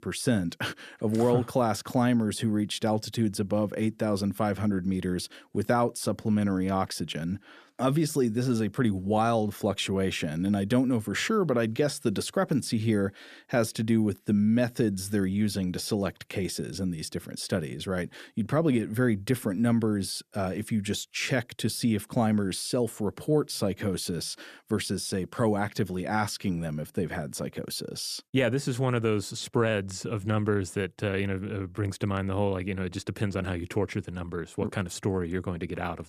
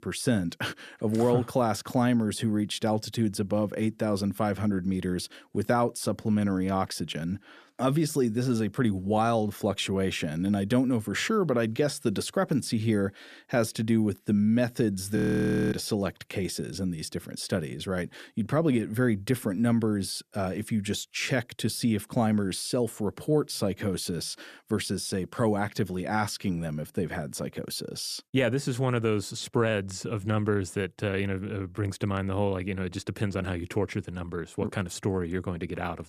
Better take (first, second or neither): first